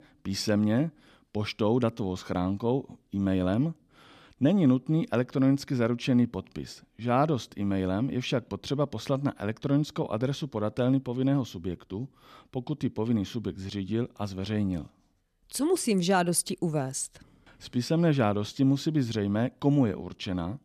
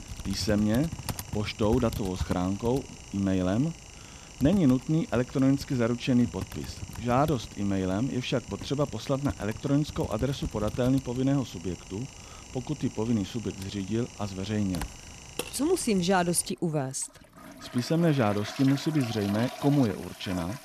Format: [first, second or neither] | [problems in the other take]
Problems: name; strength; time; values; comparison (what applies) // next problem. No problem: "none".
first | household noises; noticeable; throughout; 10 dB below the speech